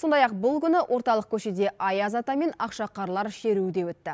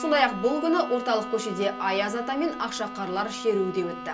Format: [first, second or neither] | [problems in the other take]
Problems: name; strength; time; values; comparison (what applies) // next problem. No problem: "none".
first | background sound (Bowed string instrument); 10 dB below the speech // room echo; dies away in 0.2 s